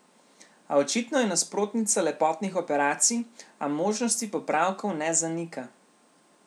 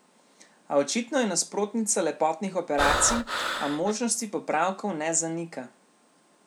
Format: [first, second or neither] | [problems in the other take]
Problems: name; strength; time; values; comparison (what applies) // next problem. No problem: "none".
first | background sound (Breathing); as loud as the speech